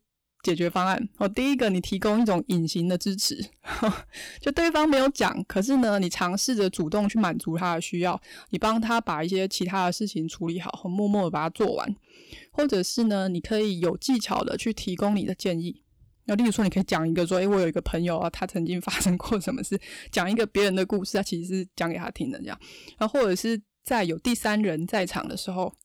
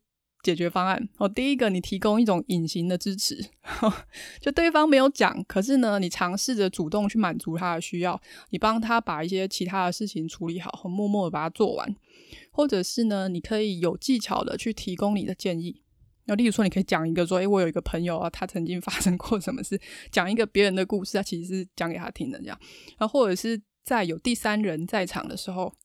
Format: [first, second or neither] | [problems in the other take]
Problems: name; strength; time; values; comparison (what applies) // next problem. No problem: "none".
second | distortion; slight; 6% of the sound clipped